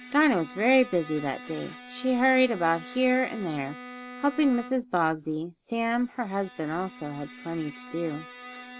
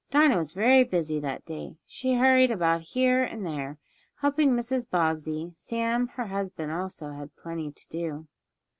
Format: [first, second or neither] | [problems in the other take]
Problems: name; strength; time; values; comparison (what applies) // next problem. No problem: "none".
second | background sound (Bowed string instrument); 17 dB below the speech